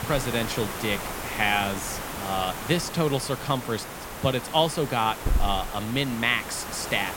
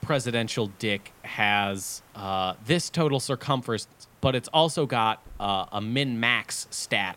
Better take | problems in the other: second | hiss; loud; throughout; 7 dB below the speech; faint in the second

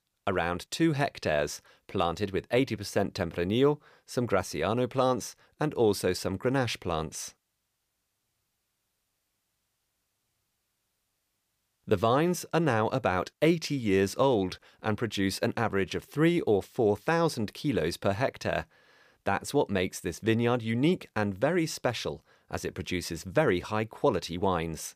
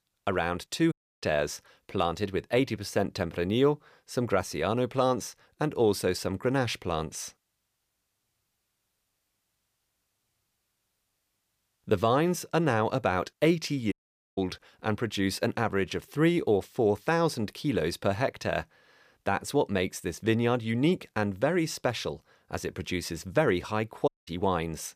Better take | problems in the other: first | audio cutting out; at 1 s, at 14 s and at 24 s

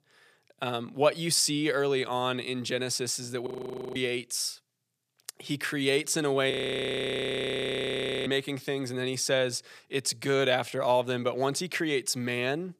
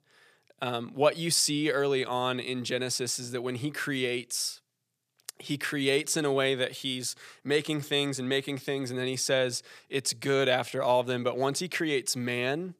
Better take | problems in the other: second | audio freezing; at 3.5 s and at 6.5 s for 2 s

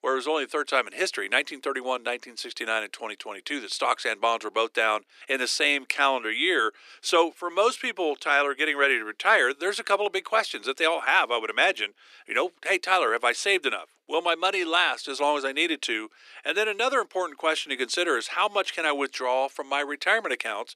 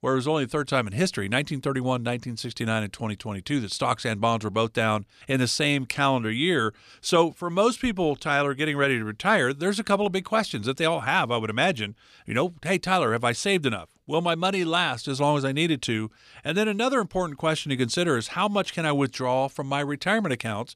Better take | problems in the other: second | thin; very; fading below 300 Hz

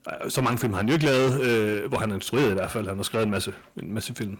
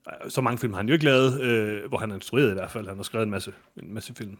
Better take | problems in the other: second | distortion; heavy; 7 dB below the speech

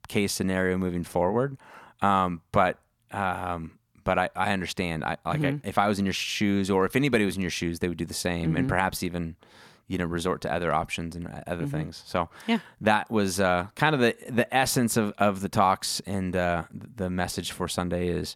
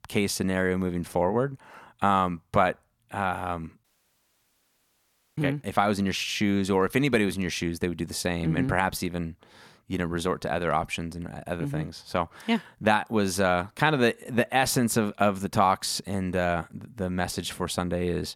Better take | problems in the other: first | audio cutting out; at 4 s for 1.5 s

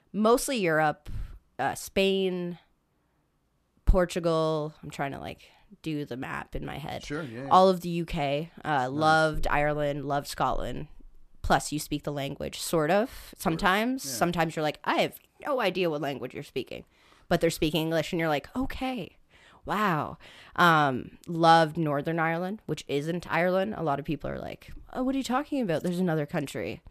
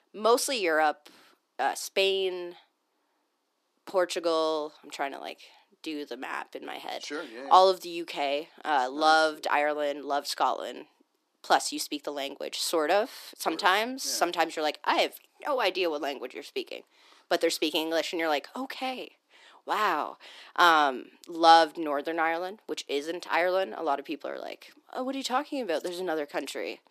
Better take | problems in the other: first | thin; somewhat; fading below 300 Hz

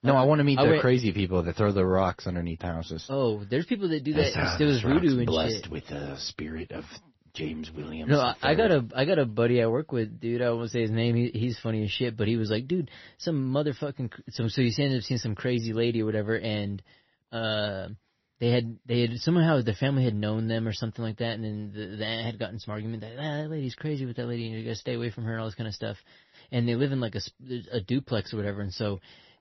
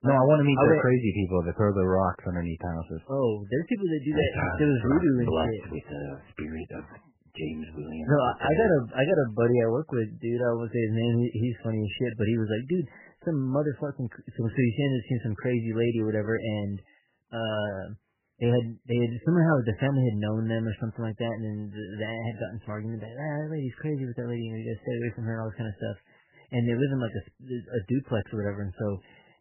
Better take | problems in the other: first | garbled, watery; badly; nothing above 3 kHz; slightly in the first

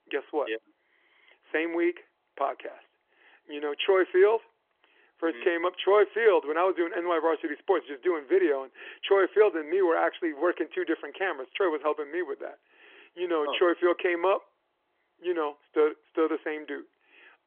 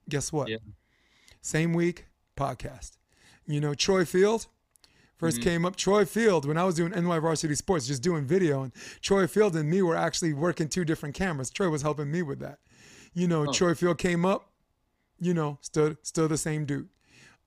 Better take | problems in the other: second | phone-call audio; nothing above 3.5 kHz

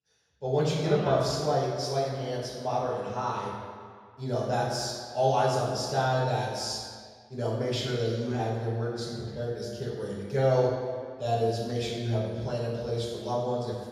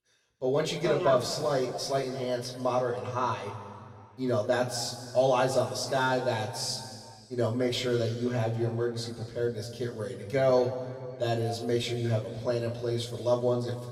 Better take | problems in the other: second | room echo; strong; dies away in 1.7 s; slight in the second // off-mic speech; far; somewhat distant in the second

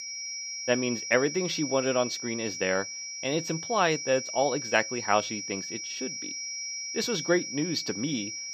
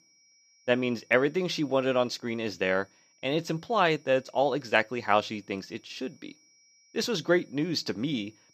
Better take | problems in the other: second | high-pitched whine; loud; throughout; 5.5 kHz, 5 dB below the speech; faint in the second

